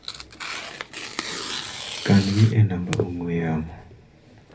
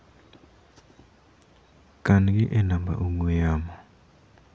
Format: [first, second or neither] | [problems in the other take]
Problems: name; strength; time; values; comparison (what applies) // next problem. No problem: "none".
second | background sound (Tearing); 10 dB below the speech // room echo; dies away in 0.3 s